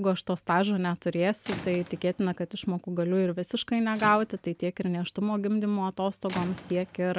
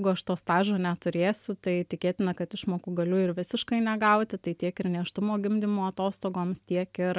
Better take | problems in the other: second | background sound (Squeak / Rattle / Slam); 18 dB below the speech

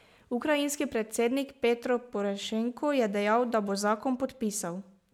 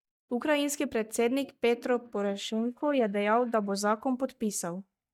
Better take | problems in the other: first | noise reduction (neural mask model DeepFilterNet 3)

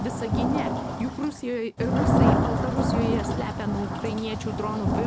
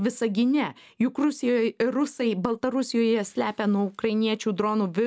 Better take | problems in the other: second | background sound (Thunder / Rain); 5 dB above the speech

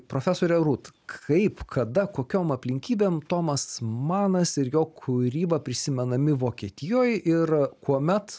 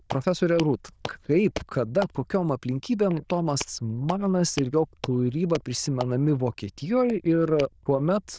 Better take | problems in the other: first | noise reduction (neural diffusion model UNIVERSE++)

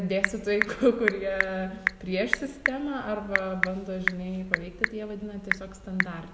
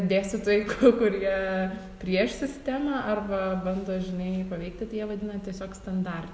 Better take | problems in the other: second | background sound (Telephone / Typing); 2 dB below the speech

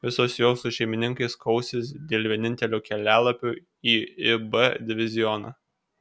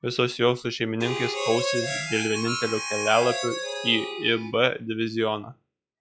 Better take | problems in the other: first | noise reduction (classical method log-MMSE)

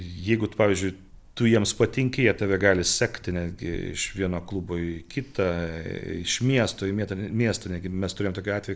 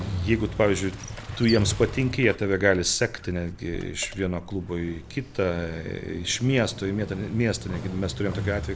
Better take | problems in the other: first | background sound (Motorcycle); 10 dB below the speech

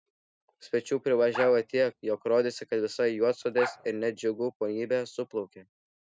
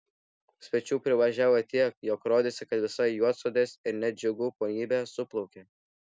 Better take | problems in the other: second | noise reduction (neural mask model RNNoise)

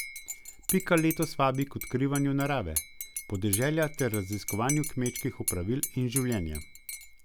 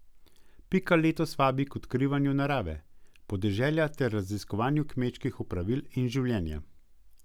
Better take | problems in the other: second | background sound (Cutlery, silverware / Dishes, pots, and pans / Chink, clink); 9 dB below the speech

